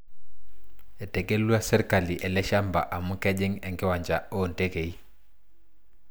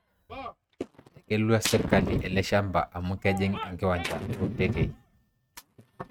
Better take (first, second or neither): first